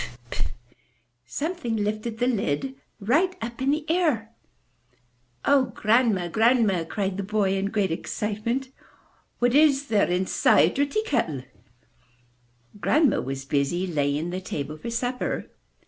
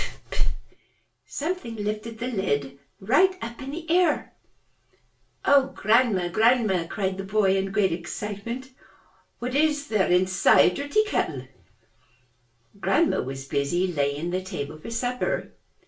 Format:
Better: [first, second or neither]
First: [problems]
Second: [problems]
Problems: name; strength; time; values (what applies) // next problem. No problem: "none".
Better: first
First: none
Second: room echo; dies away in 0.2 s